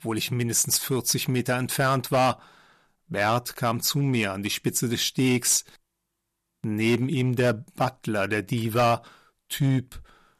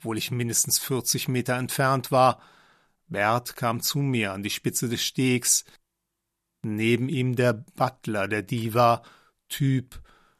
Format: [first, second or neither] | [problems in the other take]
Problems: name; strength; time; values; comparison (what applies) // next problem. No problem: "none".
second | distortion; slight; 4% of the sound clipped